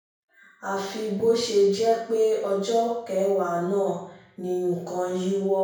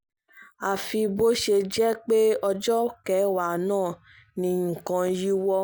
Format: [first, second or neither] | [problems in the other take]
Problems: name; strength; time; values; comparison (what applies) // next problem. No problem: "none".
second | room echo; dies away in 0.7 s